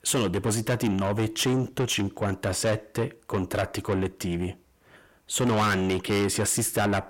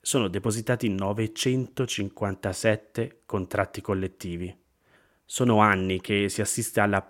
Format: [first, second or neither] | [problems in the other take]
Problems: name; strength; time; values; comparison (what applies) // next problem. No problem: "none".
second | distortion; heavy; 5 dB below the speech